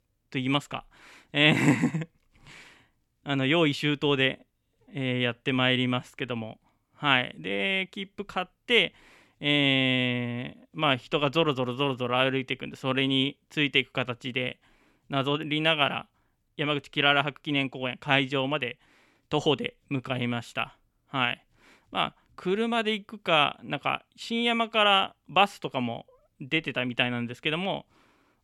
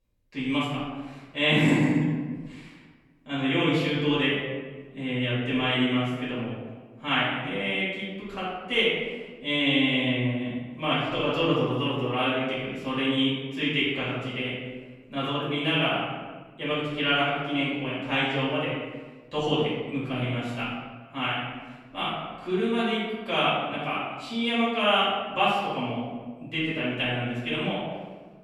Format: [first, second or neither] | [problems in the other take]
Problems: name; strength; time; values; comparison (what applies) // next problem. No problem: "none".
first | room echo; noticeable; dies away in 1.3 s // off-mic speech; far